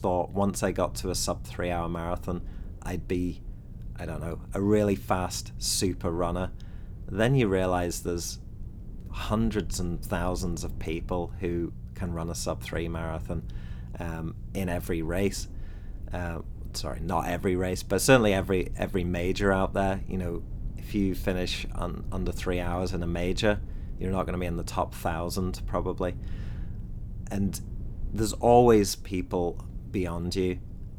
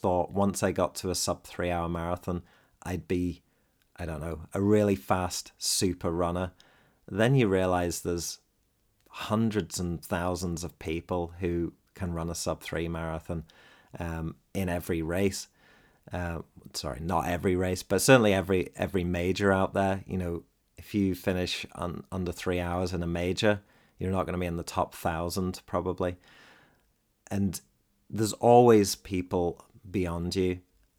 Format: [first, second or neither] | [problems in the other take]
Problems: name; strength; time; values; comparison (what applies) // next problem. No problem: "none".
second | low rumble; faint; throughout; 25 dB below the speech